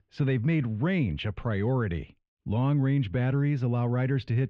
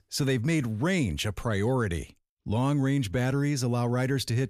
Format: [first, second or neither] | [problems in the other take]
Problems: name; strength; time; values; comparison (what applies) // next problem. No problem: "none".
second | muffled; very; fading above 3 kHz